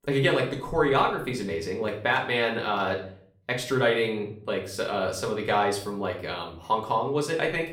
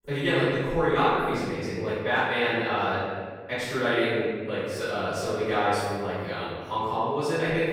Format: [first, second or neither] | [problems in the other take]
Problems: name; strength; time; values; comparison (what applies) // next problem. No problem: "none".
first | room echo; strong; dies away in 1.7 s; slight in the first // off-mic speech; far; far in the first